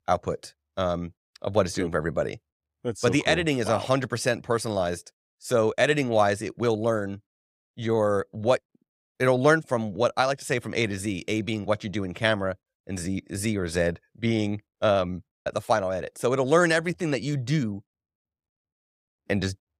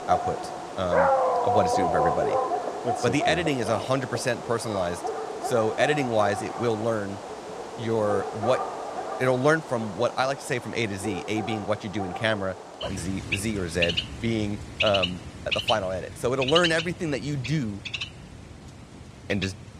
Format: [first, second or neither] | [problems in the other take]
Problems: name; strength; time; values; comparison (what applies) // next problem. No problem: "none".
first | animal sounds; loud; throughout; 3 dB below the speech